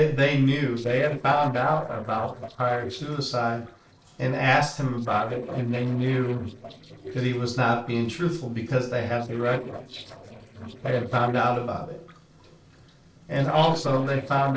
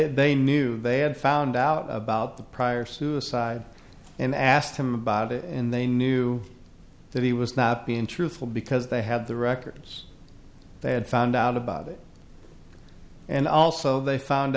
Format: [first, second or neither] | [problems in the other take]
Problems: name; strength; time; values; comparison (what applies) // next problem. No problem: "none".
second | noise reduction (neural separator model SepFormer DNS4)